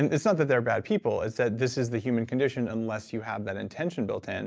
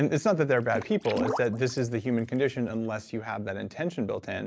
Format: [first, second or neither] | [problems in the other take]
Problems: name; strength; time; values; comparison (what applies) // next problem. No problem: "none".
first | background sound (Water / Splash, splatter); 10 dB below the speech